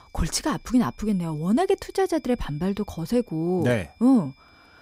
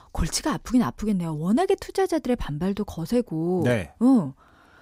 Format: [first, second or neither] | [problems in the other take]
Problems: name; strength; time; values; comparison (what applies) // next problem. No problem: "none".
second | high-pitched whine; faint; throughout; 2.5 kHz, 30 dB below the speech